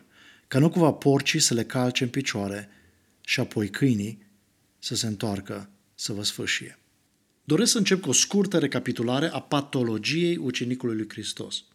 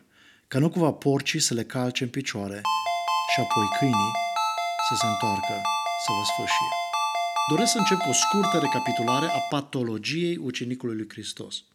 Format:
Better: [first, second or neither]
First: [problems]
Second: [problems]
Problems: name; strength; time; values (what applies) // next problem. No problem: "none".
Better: first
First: none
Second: phone ringing; loud; from 2.5 to 9.5 s; peak 3 dB above the speech